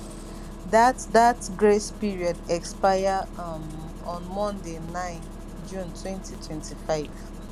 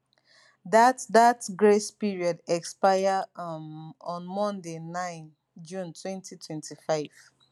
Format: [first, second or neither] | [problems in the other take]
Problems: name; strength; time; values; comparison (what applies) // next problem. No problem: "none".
second | background sound (Engine starting); 11 dB below the speech